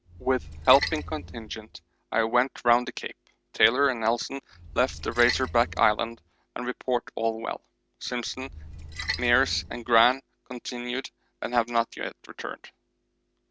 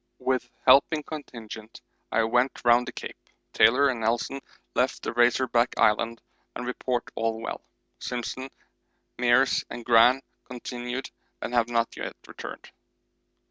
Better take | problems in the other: second | background sound (Splash, splatter); 10 dB below the speech

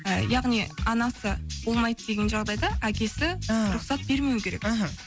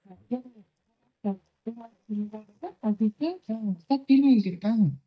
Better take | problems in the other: first | noise reduction (neural mask model DeepFilterNet 3)

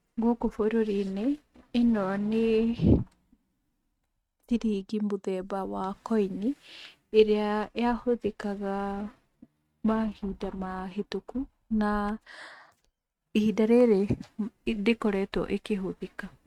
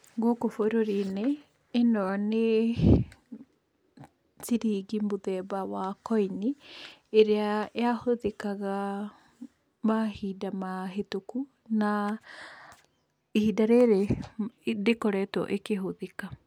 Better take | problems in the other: second | noise reduction (neural mask model RNNoise)

